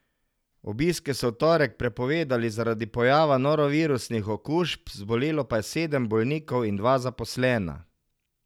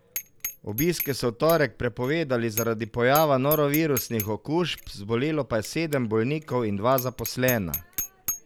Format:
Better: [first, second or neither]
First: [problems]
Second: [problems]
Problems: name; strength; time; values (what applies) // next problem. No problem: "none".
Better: first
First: none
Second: background sound (Bicycle bell); 11 dB below the speech